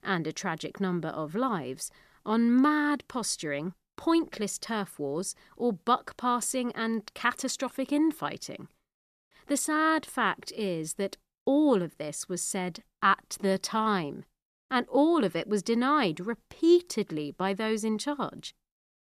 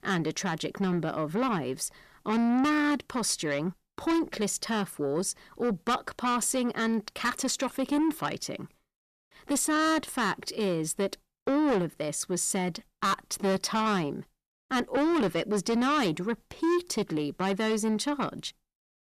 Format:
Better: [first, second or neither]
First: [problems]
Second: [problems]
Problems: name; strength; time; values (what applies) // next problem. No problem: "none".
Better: first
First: none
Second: distortion; heavy; 8 dB below the speech